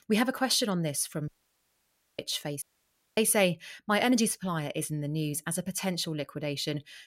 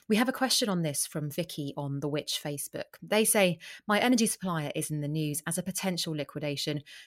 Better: second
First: audio cutting out; at 1.5 s for 1 s and at 2.5 s for 0.5 s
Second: none

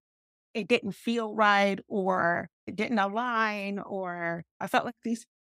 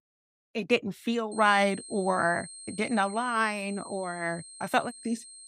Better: first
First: none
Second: high-pitched whine; noticeable; from 1.5 s on; 8.5 kHz, 15 dB below the speech

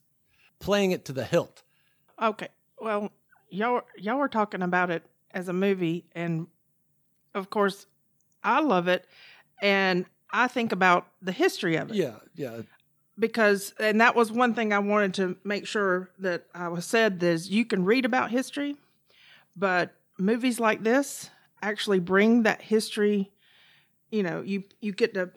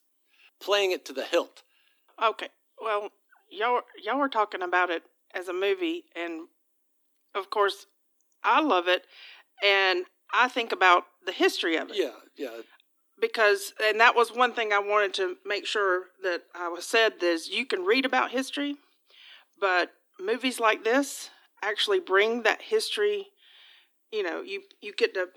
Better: first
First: none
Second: thin; somewhat; fading below 250 Hz

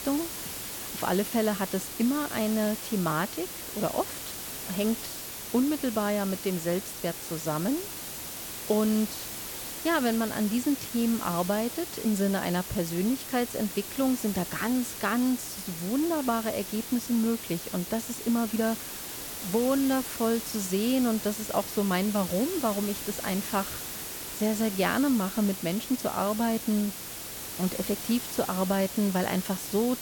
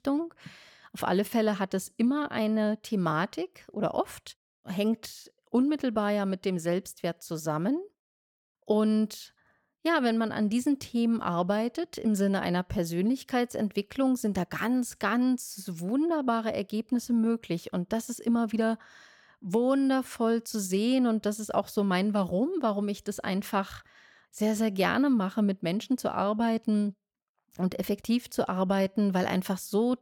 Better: second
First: hiss; loud; throughout; 7 dB below the speech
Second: none

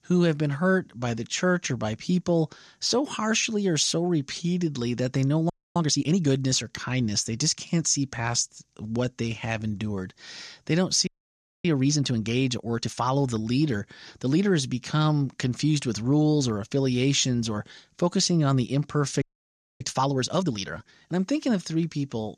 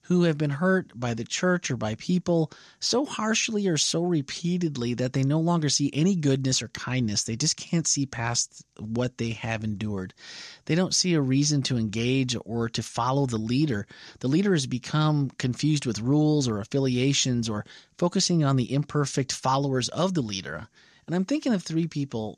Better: second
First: audio freezing; at 5.5 s, at 11 s for 0.5 s and at 19 s for 0.5 s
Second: none

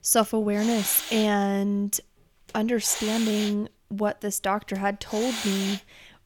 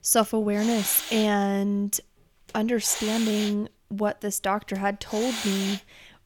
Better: neither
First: hiss; loud; throughout; 7 dB below the speech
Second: hiss; loud; throughout; 7 dB below the speech

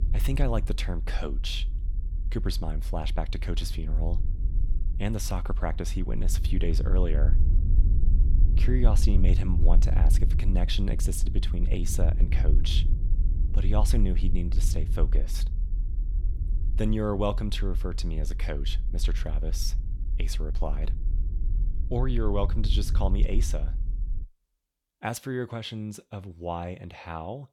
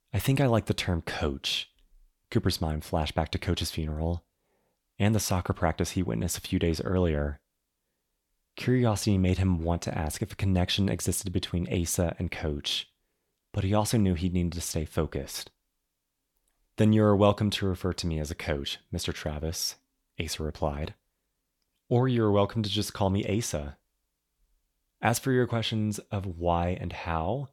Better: second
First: low rumble; noticeable; until 24 s; 10 dB below the speech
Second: none

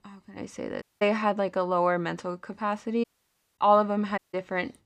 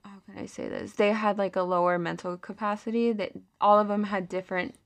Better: second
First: audio cutting out; at 1 s, at 3 s for 0.5 s and at 4 s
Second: none

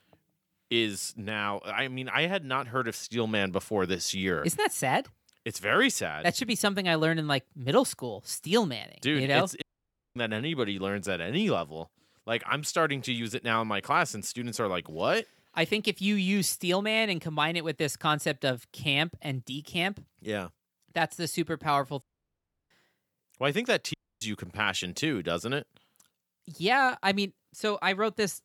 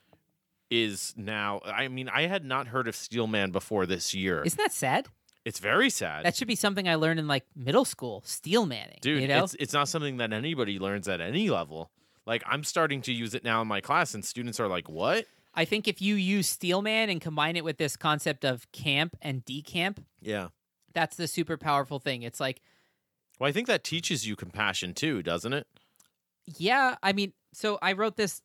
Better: second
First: audio cutting out; at 9.5 s for 0.5 s, at 22 s for 0.5 s and at 24 s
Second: none

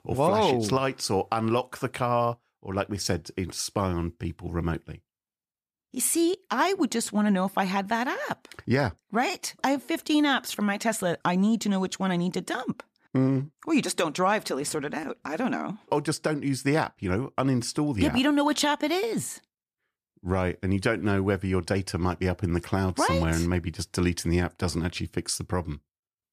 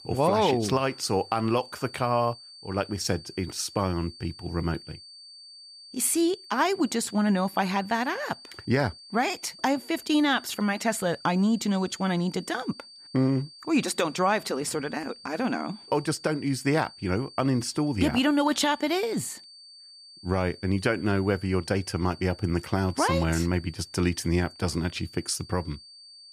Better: first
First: none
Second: high-pitched whine; noticeable; throughout; 4.5 kHz, 20 dB below the speech

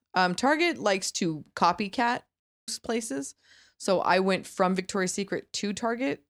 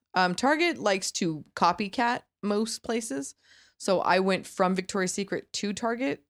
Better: second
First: audio cutting out; at 2.5 s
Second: none

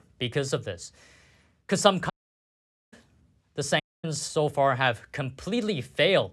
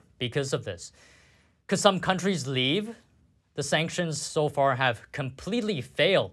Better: second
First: audio cutting out; at 2 s for 1 s and at 4 s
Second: none

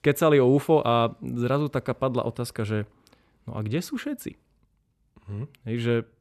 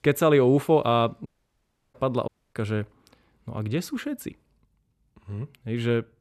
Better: first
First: none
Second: audio cutting out; at 1.5 s for 0.5 s and at 2.5 s

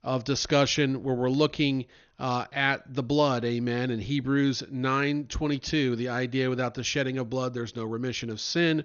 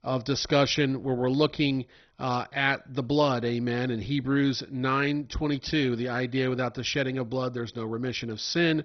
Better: first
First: garbled, watery; slightly; nothing above 6.5 kHz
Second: garbled, watery; badly; nothing above 6 kHz

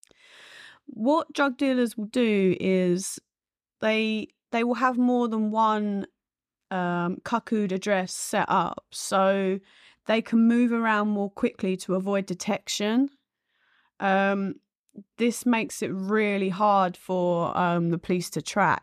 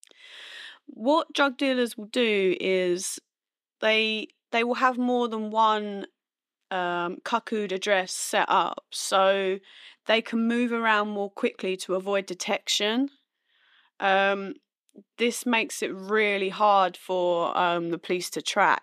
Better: first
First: none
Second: thin; very slightly; fading below 300 Hz

